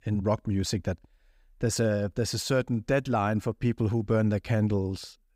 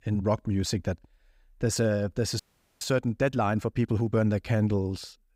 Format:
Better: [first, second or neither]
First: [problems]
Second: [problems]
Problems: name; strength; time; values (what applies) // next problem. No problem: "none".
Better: first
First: none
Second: audio freezing; at 2.5 s